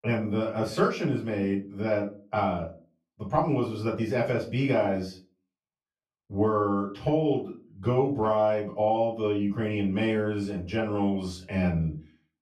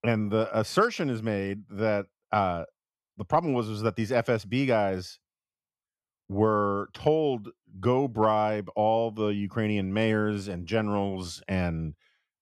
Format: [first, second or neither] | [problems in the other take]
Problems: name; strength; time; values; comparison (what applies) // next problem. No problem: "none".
second | off-mic speech; far // room echo; slight; dies away in 0.3 s